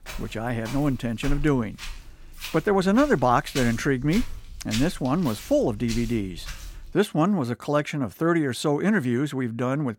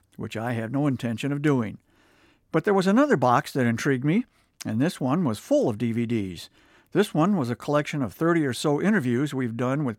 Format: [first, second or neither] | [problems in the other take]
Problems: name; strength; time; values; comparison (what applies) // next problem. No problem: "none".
second | footsteps; noticeable; until 7 s; peak 8 dB below the speech